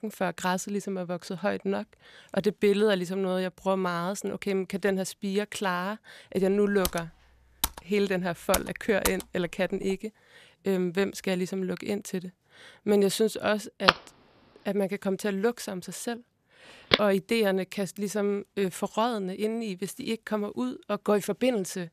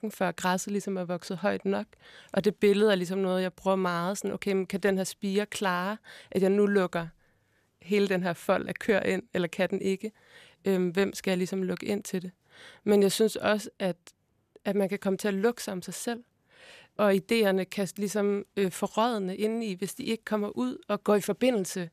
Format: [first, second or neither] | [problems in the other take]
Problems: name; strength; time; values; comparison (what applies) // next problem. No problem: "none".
second | keyboard typing; noticeable; from 7 to 9 s; peak 2 dB below the speech // phone ringing; loud; from 14 to 17 s; peak 5 dB above the speech